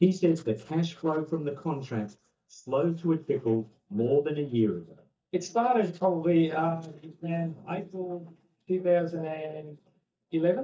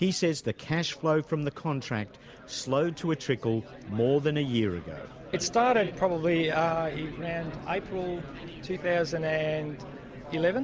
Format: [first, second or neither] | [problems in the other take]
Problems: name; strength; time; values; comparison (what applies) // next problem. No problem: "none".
second | noise reduction (neural mask model DeepFilterNet 3)